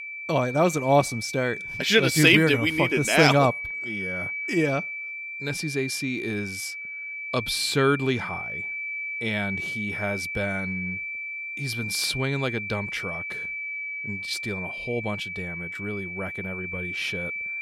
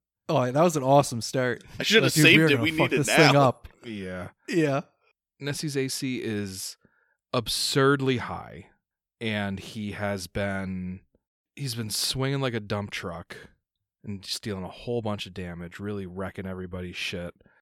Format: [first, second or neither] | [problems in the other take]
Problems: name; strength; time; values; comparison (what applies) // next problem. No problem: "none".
second | high-pitched whine; loud; throughout; 2.5 kHz, 6 dB below the speech